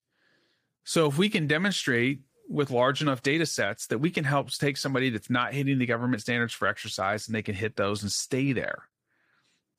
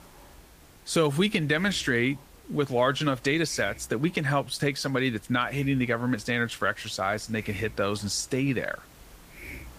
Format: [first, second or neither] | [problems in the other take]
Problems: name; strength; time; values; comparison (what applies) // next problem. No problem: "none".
first | hiss; faint; throughout; 20 dB below the speech